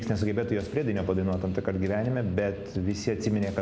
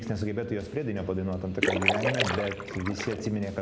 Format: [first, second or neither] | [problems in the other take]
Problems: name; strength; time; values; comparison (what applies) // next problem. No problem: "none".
first | background sound (Splash, splatter); 1 dB above the speech